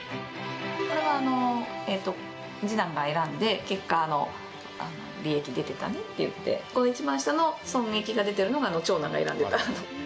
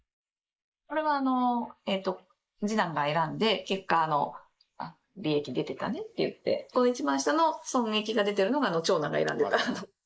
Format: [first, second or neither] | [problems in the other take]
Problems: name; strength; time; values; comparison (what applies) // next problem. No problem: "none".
first | noise reduction (neural mask model Resemble Enhance denoiser)